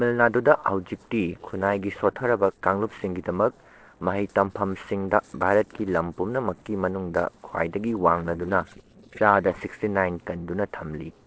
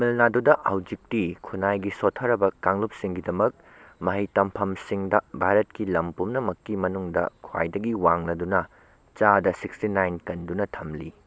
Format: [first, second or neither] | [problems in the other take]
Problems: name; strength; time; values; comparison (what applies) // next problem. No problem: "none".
second | noise reduction (neural separator model SepFormer DNS4)